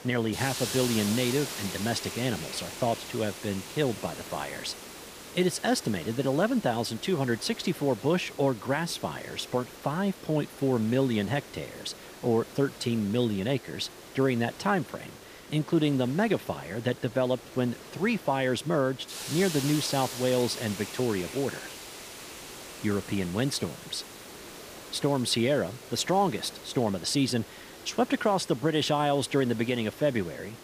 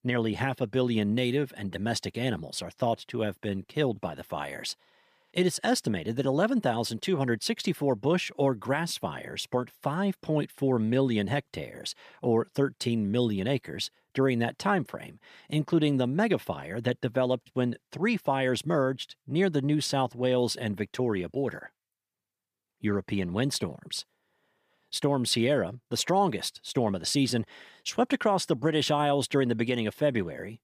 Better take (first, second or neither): second